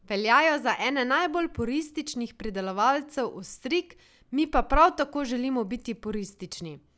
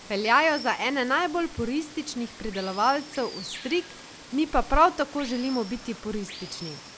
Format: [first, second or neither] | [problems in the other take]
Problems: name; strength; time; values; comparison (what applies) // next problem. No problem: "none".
first | background sound (Water); 16 dB below the speech